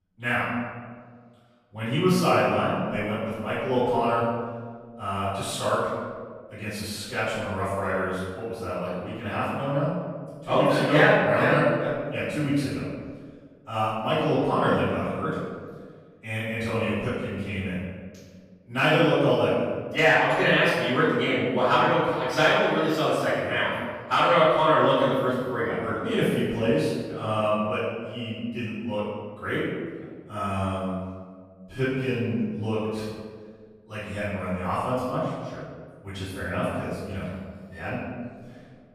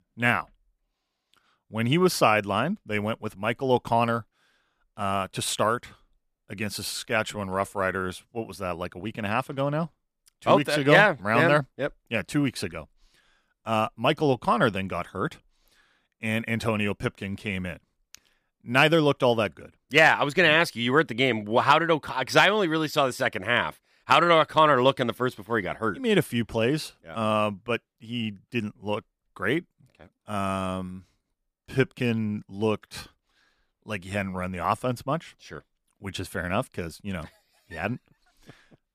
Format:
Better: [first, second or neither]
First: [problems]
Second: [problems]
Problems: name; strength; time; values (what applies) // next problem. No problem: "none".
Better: second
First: off-mic speech; far // room echo; strong; dies away in 1.5 s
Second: none